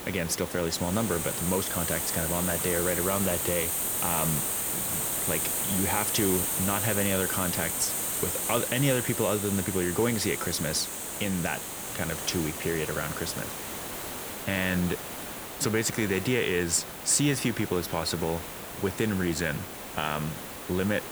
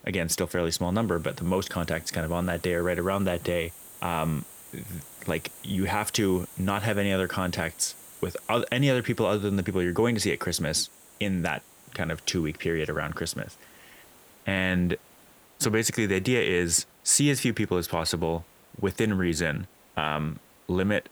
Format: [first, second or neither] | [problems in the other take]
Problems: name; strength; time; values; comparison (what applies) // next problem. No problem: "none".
second | hiss; loud; throughout; 1 dB below the speech; faint in the second